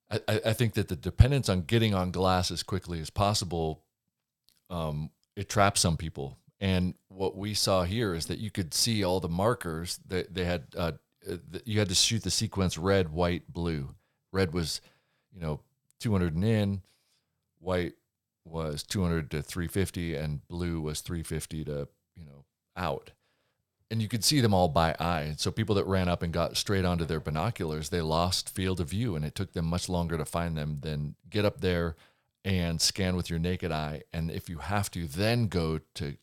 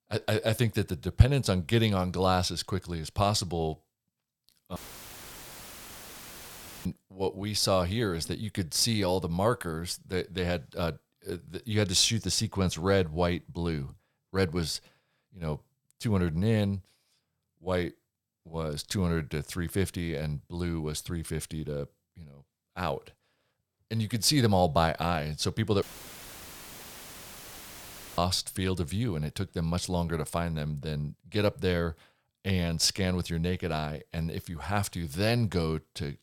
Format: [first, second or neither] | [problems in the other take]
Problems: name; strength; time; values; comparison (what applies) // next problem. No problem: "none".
first | audio cutting out; filled with static; at 5 s for 2 s and at 26 s for 2.5 s